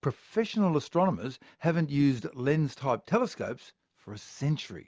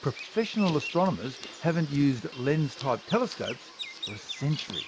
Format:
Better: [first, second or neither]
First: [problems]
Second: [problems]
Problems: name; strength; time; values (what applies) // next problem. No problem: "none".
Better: first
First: none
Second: background sound (Bird vocalization, bird call, bird song); 12 dB below the speech